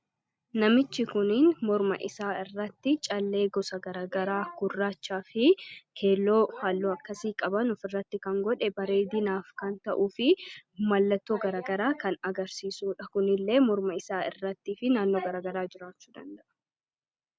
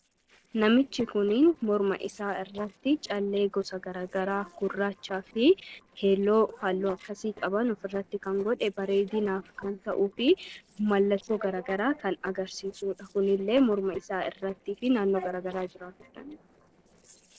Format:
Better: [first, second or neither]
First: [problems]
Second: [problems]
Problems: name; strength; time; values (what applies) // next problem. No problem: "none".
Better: first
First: none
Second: noise reduction (neural separator model SepFormer DNS4)